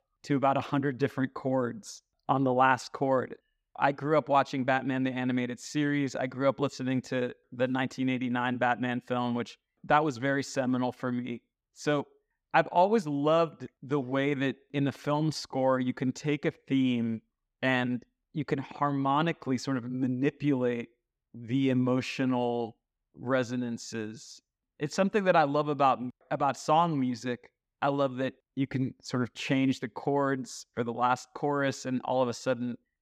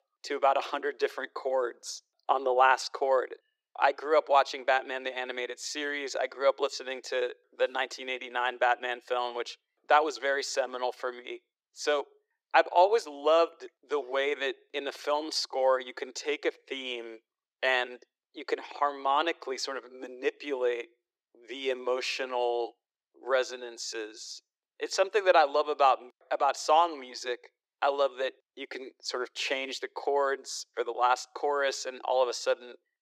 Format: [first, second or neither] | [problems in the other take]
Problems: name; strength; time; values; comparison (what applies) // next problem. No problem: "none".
first | thin; very; fading below 350 Hz